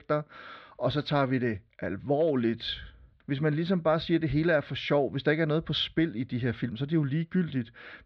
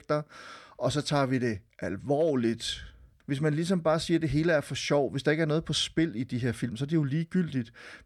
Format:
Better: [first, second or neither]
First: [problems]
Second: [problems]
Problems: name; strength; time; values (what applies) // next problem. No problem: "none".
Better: second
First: muffled; slightly; fading above 4 kHz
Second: none